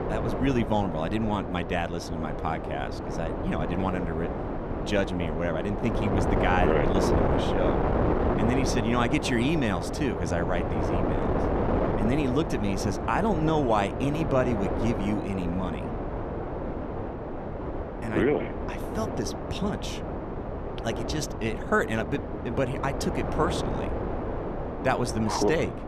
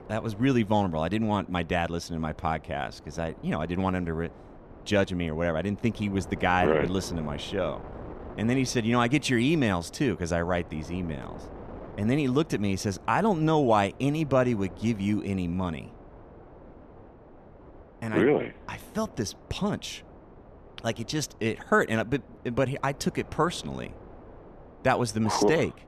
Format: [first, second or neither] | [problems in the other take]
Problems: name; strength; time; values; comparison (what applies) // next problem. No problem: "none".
second | wind noise on the microphone; heavy; 2 dB below the speech; occasional gusts in the second